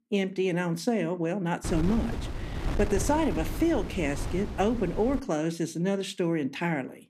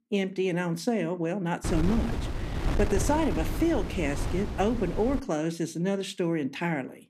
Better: first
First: wind noise on the microphone; occasional gusts; from 1.5 to 5 s; 10 dB below the speech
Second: wind noise on the microphone; heavy; from 1.5 to 5 s; 8 dB below the speech

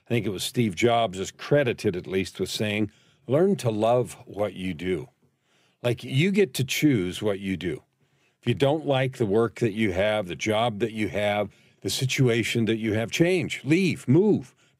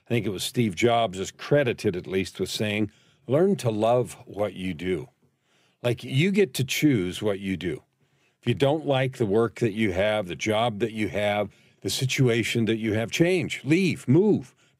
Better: neither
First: none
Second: none

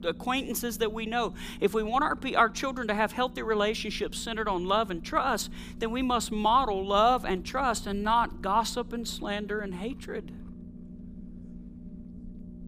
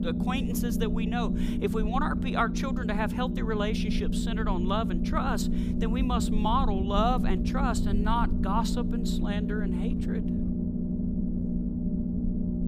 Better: first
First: low rumble; faint; throughout; 25 dB below the speech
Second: low rumble; loud; throughout; 5 dB below the speech

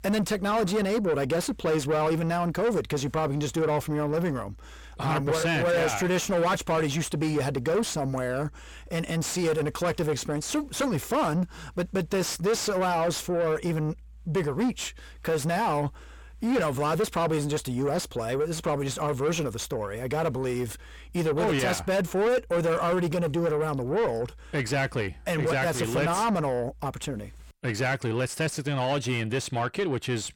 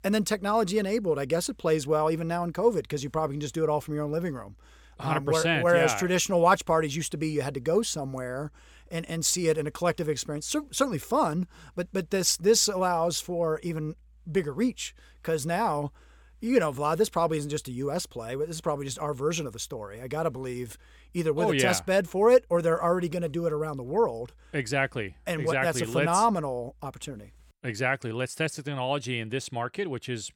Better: second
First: distortion; heavy; 6 dB below the speech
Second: none

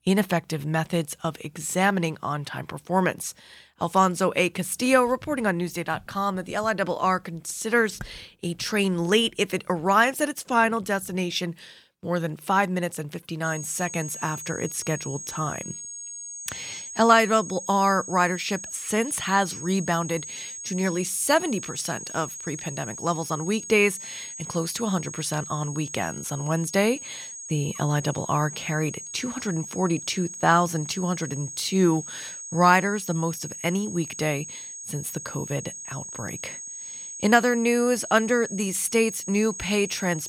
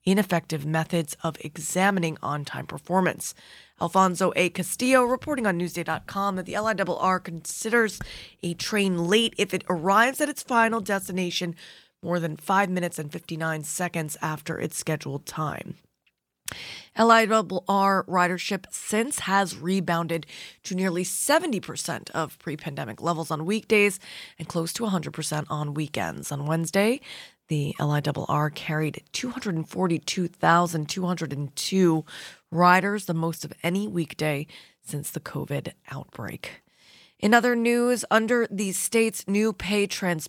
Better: second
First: high-pitched whine; loud; from 13 s on; 6.5 kHz, 10 dB below the speech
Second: none

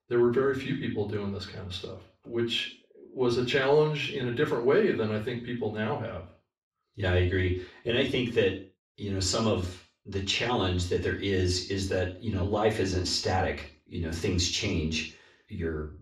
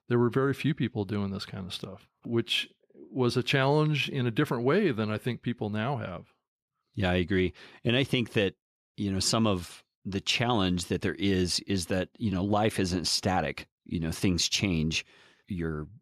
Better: second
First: room echo; slight; dies away in 0.4 s // off-mic speech; far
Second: none

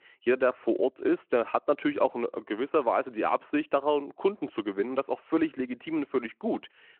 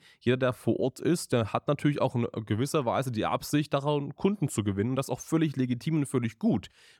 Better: second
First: phone-call audio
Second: none

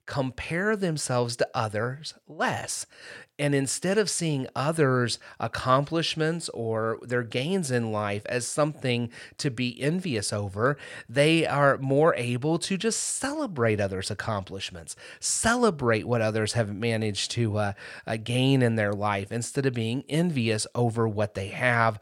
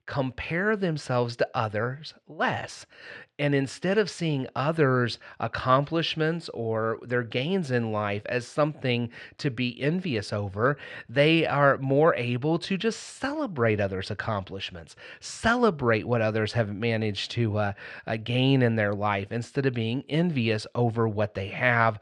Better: first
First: none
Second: muffled; very slightly; fading above 3 kHz

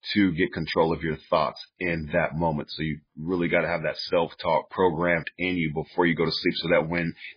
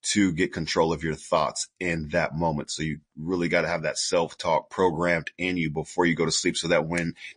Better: second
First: garbled, watery; badly; nothing above 5 kHz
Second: garbled, watery; slightly; nothing above 9.5 kHz

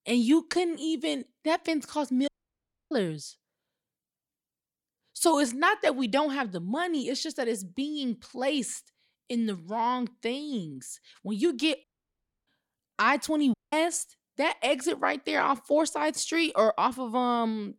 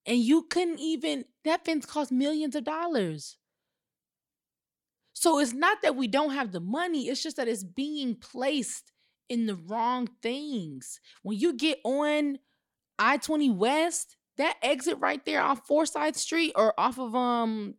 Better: second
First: audio cutting out; at 2.5 s for 0.5 s, at 12 s for 0.5 s and at 14 s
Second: none

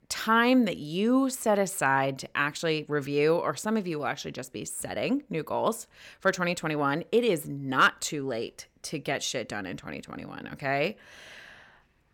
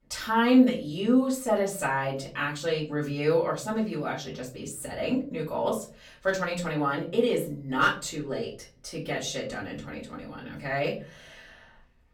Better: first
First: none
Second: off-mic speech; far // room echo; slight; dies away in 0.4 s

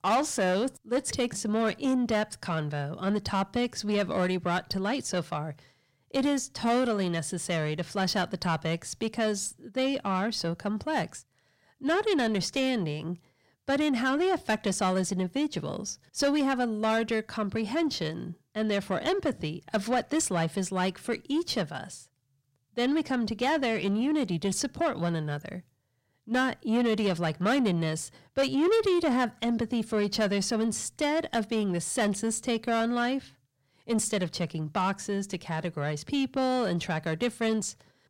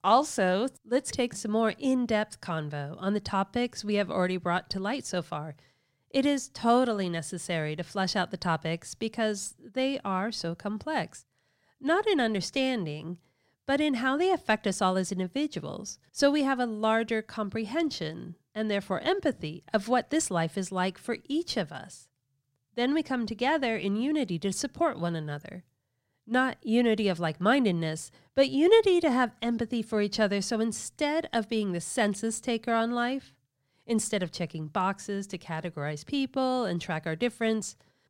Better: second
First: distortion; slight; 10 dB below the speech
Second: none

